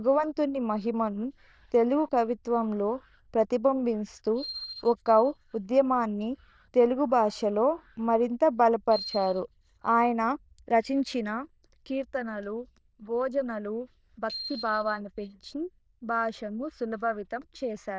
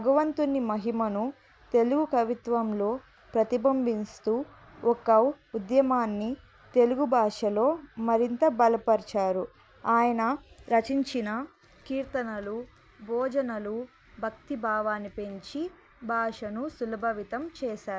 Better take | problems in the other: second | noise reduction (neural diffusion model UNIVERSE++)

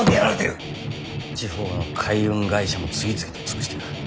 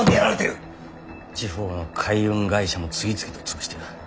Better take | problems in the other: second | background sound (Guitar); 8 dB below the speech

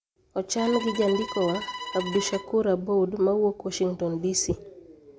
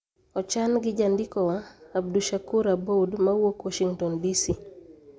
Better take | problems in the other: second | background sound (Bowed string instrument); 11 dB below the speech

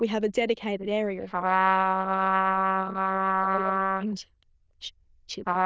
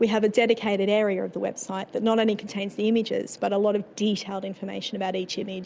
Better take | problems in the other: second | noise reduction (neural diffusion model UNIVERSE++)

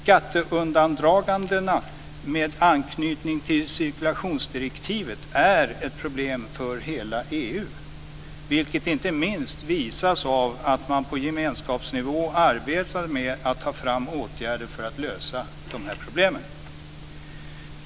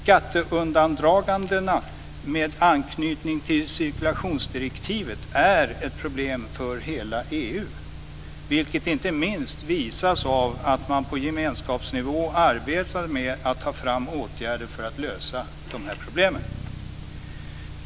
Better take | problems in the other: first | background sound (Bass guitar); 15 dB below the speech

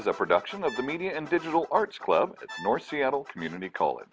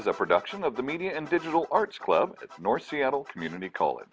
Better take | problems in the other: second | background sound (Brass instrument); 19 dB below the speech

